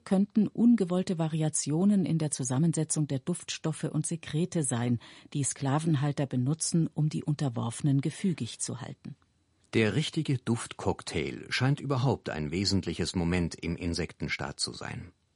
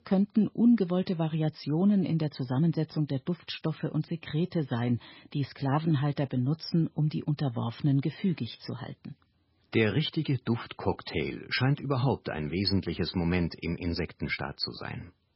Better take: first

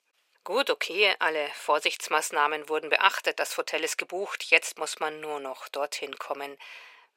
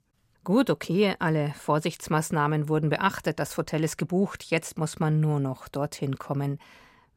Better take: second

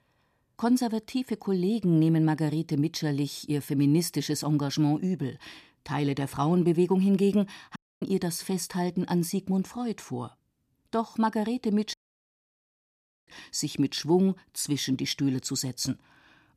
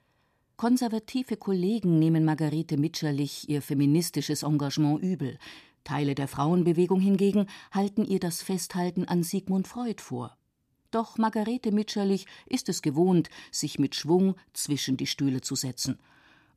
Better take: second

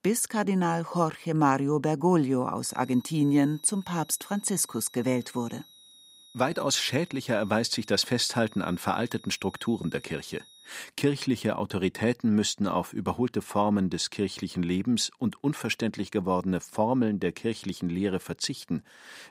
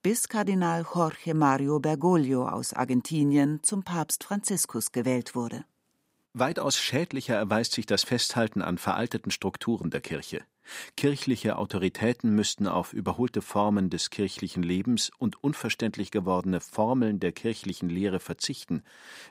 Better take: second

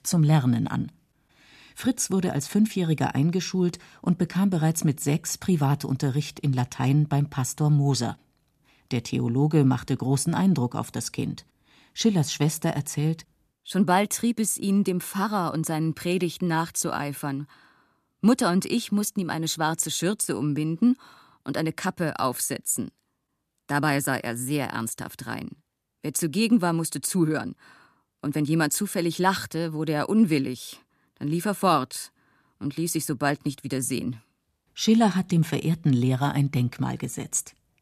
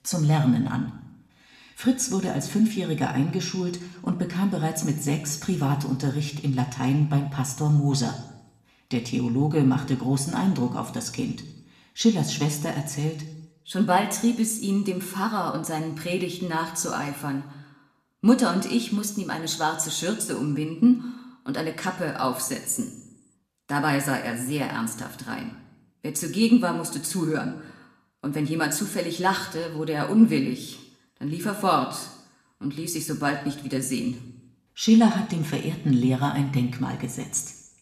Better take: first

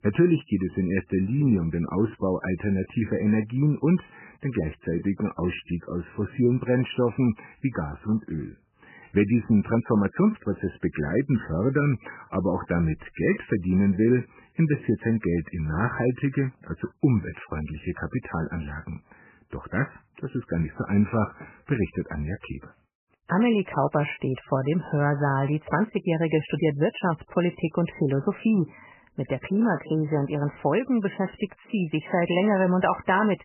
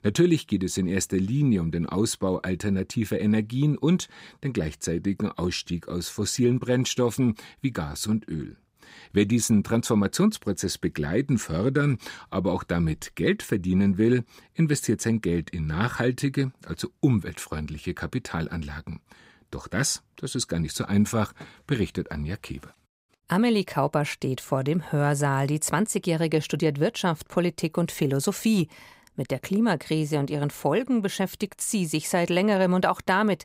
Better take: second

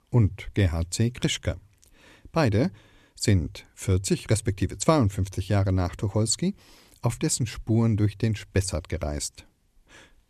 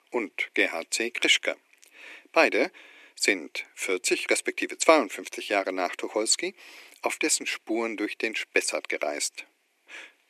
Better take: first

